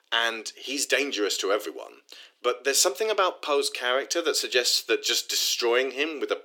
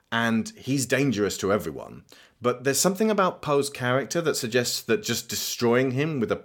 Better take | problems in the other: second | thin; very; fading below 300 Hz

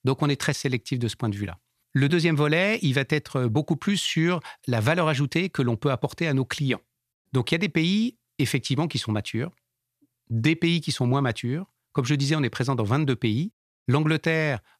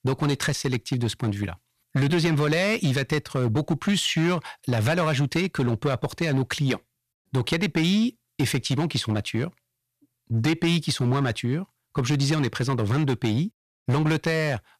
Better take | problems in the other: first | distortion; slight; 8% of the sound clipped

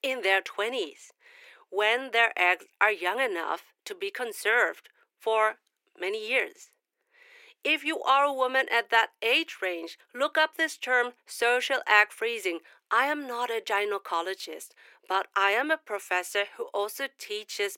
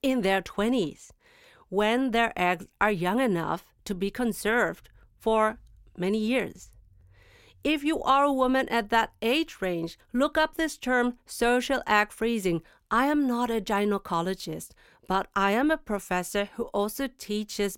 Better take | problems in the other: second | thin; very; fading below 350 Hz

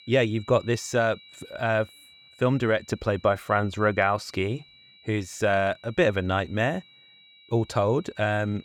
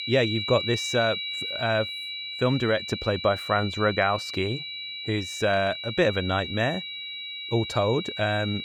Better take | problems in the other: first | high-pitched whine; loud; throughout; 4 kHz, 6 dB below the speech; faint in the first

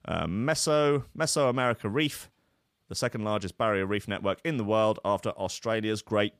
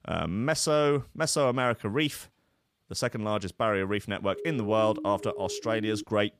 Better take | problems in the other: first | siren; noticeable; from 4.5 s on; peak 10 dB below the speech

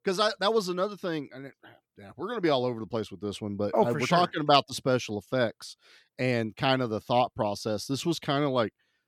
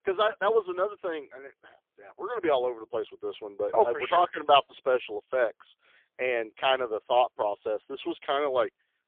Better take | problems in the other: first | phone-call audio; poor line; nothing above 3.5 kHz

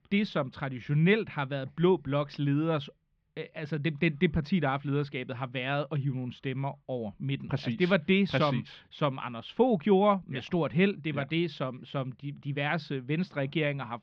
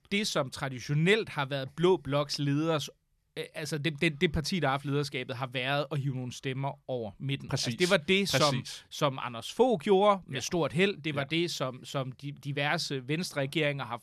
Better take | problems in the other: second | muffled; slightly; fading above 3.5 kHz

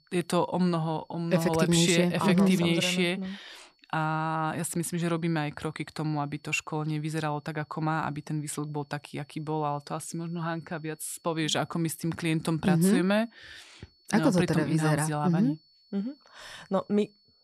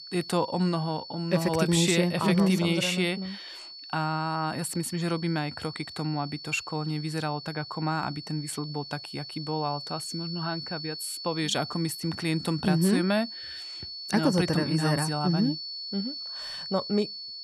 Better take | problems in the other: first | high-pitched whine; loud; throughout; 4.5 kHz, 9 dB below the speech; faint in the first

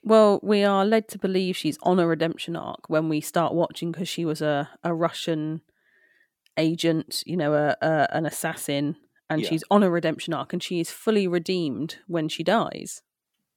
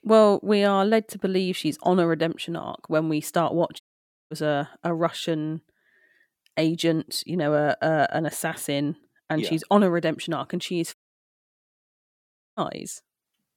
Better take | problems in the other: first | audio cutting out; at 4 s for 0.5 s and at 11 s for 1.5 s

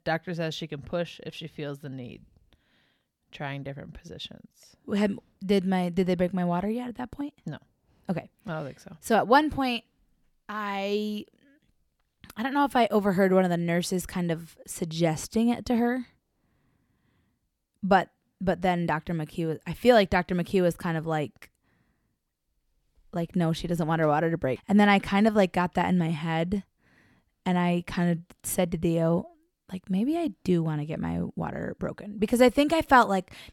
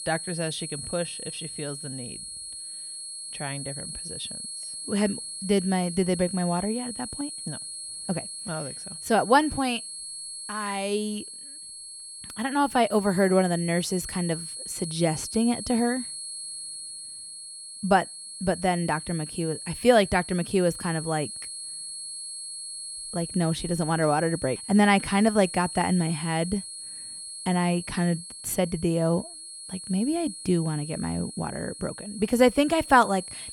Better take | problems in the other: first | high-pitched whine; loud; throughout; 10.5 kHz, 9 dB below the speech

